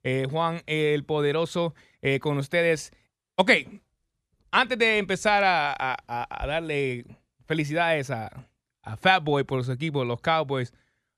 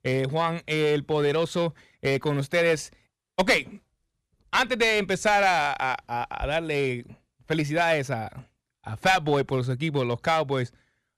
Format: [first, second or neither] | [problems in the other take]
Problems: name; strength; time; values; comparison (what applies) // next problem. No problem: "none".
first | distortion; slight; 4% of the sound clipped